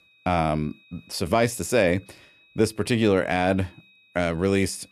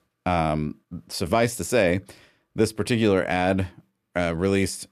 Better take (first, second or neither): second